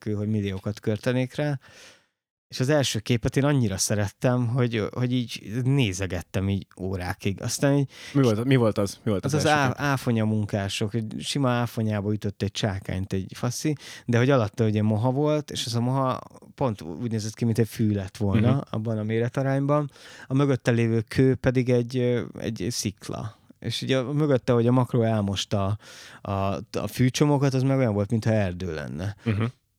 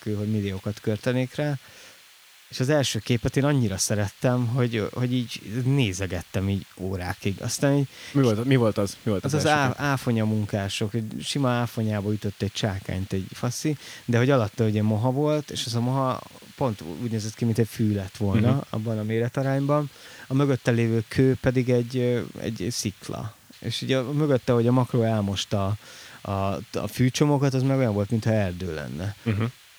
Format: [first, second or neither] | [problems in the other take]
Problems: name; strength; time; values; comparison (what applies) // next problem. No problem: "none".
first | hiss; faint; throughout; 25 dB below the speech